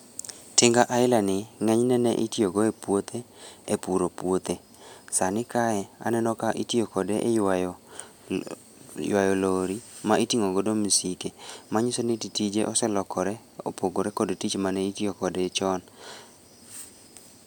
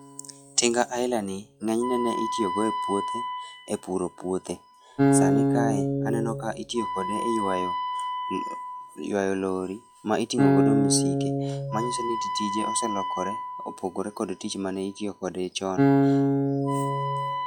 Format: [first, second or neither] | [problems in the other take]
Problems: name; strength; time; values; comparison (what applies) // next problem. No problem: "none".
first | noise reduction (classical method log-MMSE)